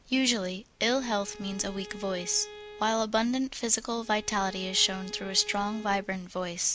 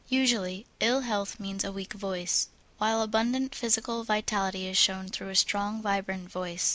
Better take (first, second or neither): second